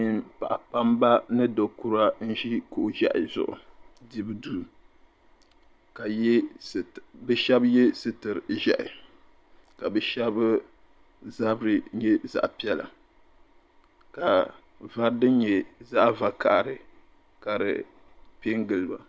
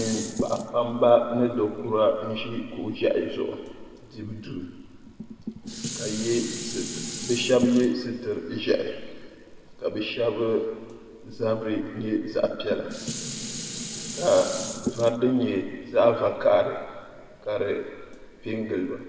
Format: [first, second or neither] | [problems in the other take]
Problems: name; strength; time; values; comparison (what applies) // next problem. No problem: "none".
first | background sound (Dishes, pots, and pans); 12 dB below the speech // room echo; dies away in 1.8 s